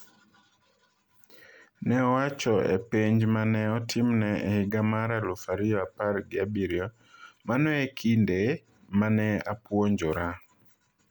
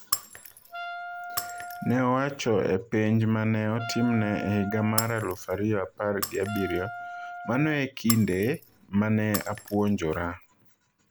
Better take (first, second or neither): first